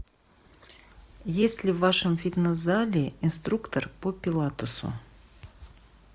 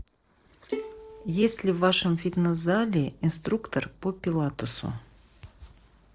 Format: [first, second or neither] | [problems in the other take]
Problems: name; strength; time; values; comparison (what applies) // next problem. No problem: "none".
first | noise reduction (neural separator model SepFormer DNS4)